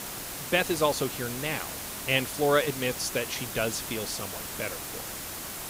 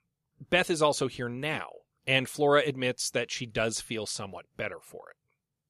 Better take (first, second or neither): second